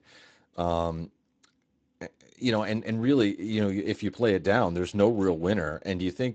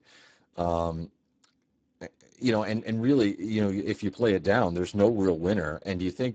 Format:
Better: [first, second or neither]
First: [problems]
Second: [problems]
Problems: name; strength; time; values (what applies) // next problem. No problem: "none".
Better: first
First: garbled, watery; slightly; nothing above 8 kHz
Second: garbled, watery; badly; nothing above 7.5 kHz